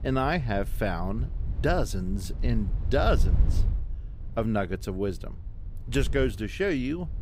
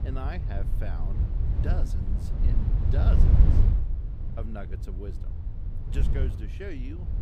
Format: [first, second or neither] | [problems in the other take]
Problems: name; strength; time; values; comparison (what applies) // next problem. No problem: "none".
first | wind noise on the microphone; heavy; 1 dB below the speech; occasional gusts in the first